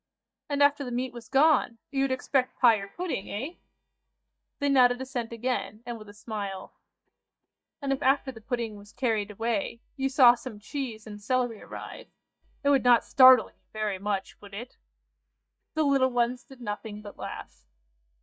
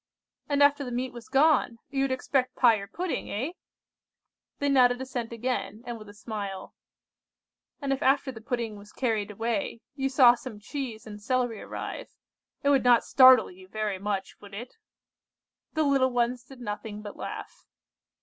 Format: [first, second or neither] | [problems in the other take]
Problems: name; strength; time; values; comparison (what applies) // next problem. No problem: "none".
second | noise reduction (neural mask model DeepFilterNet 3)